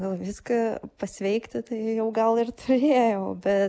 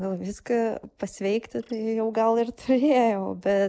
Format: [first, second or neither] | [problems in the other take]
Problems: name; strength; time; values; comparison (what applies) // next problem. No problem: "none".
first | noise reduction (neural separator model SepFormer DNS4)